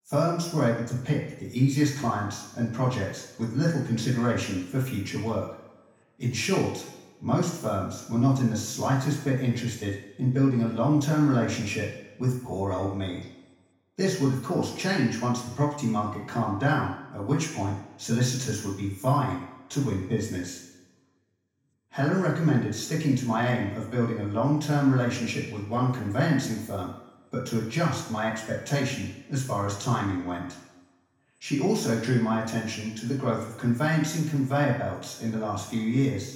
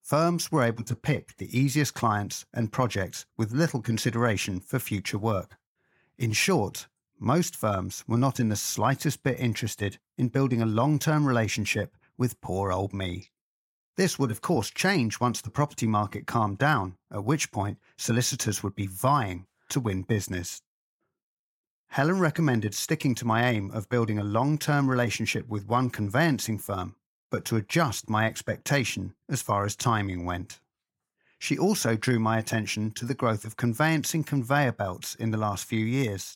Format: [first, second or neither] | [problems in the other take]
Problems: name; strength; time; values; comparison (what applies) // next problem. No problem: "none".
second | room echo; noticeable; dies away in 0.8 s // off-mic speech; far